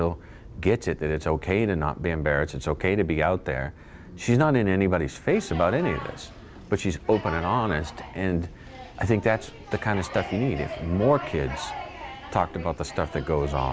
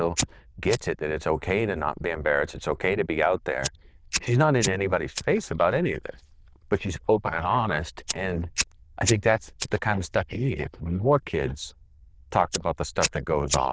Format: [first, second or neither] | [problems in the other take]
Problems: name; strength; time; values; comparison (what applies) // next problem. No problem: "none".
first | noise reduction (neural diffusion model UNIVERSE++)